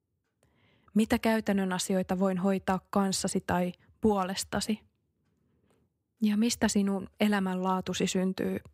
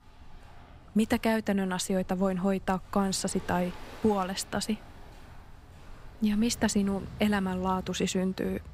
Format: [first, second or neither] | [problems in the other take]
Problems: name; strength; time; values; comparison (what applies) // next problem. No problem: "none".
first | rain or running water; noticeable; throughout; 20 dB below the speech